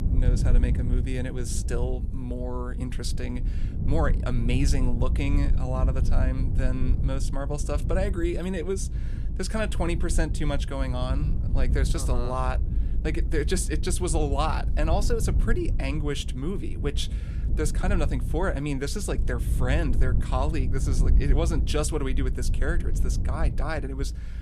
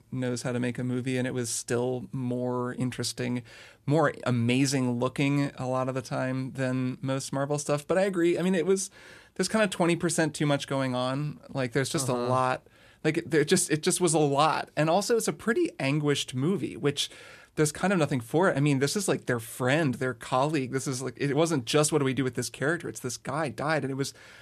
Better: second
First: low rumble; noticeable; throughout; 10 dB below the speech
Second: none

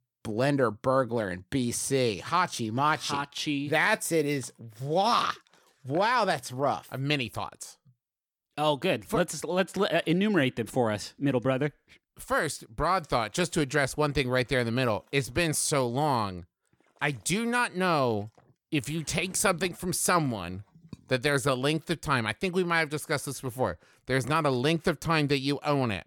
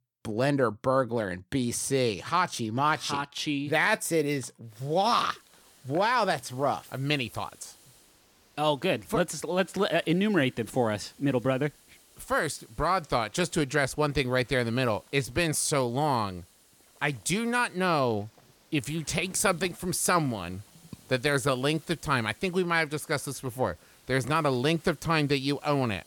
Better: first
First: none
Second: hiss; faint; from 4.5 s on; 30 dB below the speech

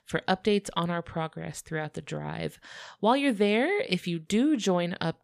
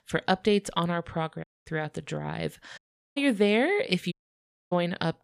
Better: first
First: none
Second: audio cutting out; at 1.5 s, at 3 s and at 4 s for 0.5 s

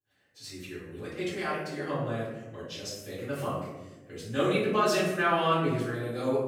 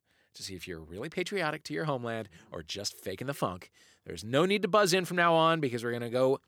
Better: second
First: room echo; noticeable; dies away in 1 s // off-mic speech; far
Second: none

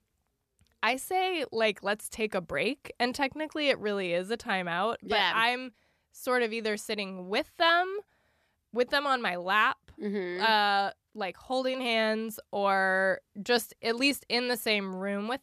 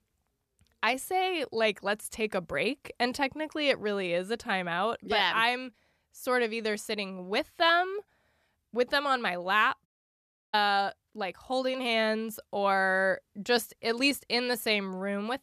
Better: first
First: none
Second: audio cutting out; at 10 s for 0.5 s

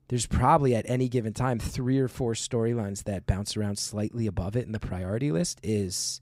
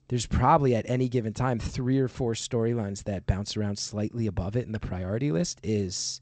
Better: first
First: none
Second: garbled, watery; slightly; nothing above 8 kHz

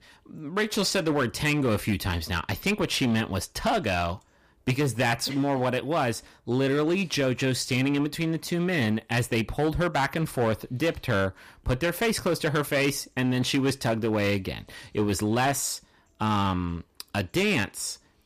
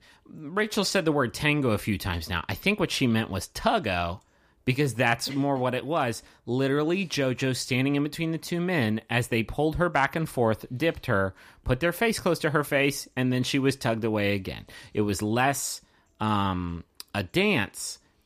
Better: second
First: distortion; slight; 8% of the sound clipped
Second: none

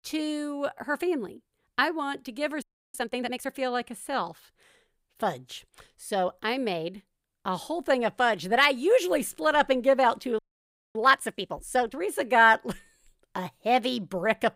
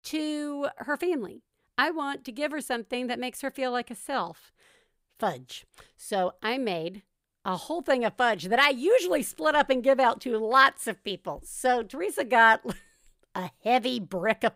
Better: second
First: audio freezing; at 2.5 s and at 10 s for 0.5 s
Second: none

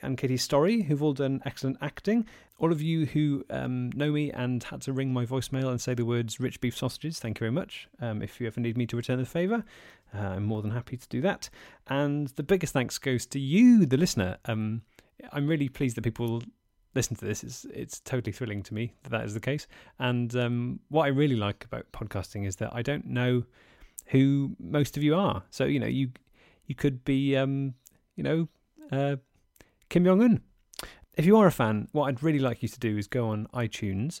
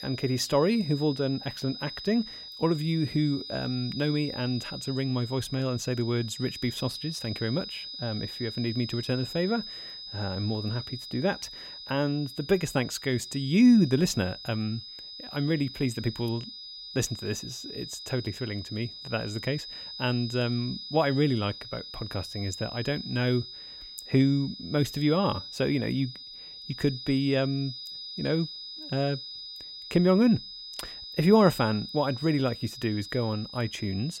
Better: first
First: none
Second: high-pitched whine; noticeable; throughout; 5 kHz, 10 dB below the speech

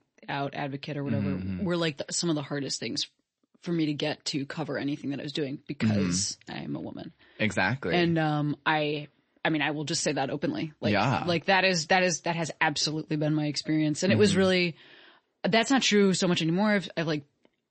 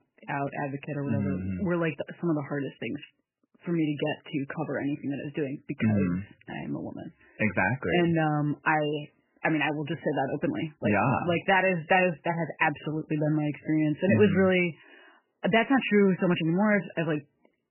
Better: first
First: garbled, watery; slightly; nothing above 8 kHz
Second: garbled, watery; badly; nothing above 3 kHz

